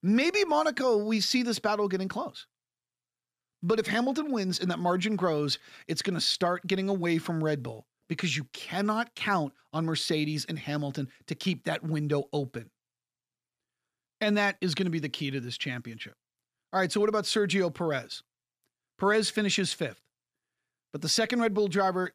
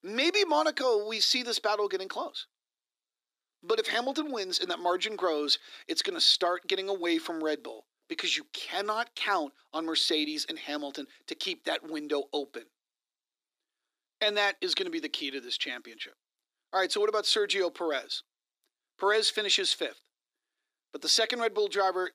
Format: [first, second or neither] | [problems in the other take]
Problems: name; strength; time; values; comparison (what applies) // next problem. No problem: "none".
first | thin; somewhat; fading below 300 Hz